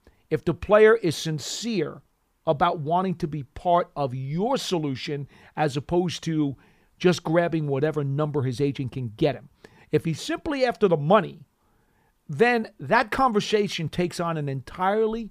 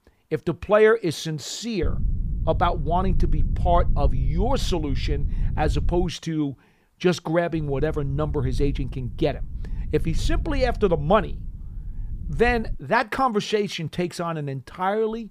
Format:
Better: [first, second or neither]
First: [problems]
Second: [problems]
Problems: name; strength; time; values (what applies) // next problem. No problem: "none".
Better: first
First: none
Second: low rumble; faint; from 2 to 6 s and from 7.5 to 13 s; 20 dB below the speech